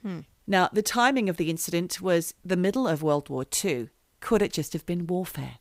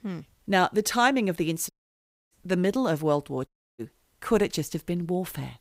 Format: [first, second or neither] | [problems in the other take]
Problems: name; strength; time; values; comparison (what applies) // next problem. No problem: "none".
first | audio cutting out; at 1.5 s for 0.5 s and at 3.5 s